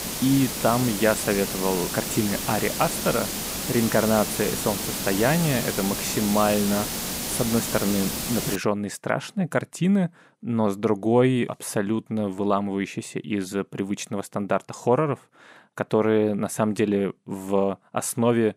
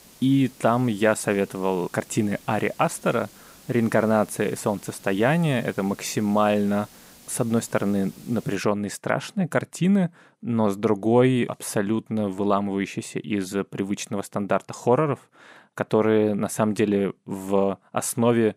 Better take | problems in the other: second | hiss; loud; until 8.5 s; 3 dB below the speech; faint in the second

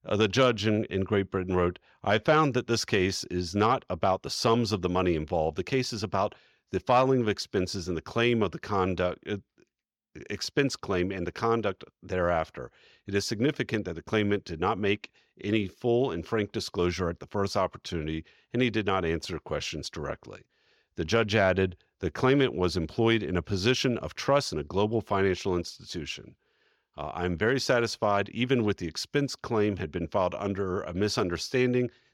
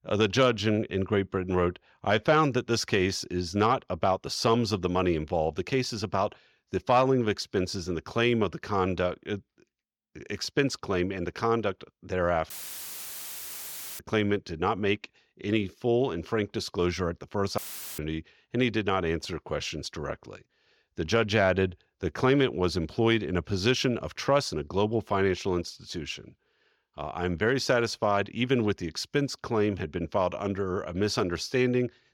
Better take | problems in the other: first | audio cutting out; filled with static; at 13 s for 1.5 s and at 18 s

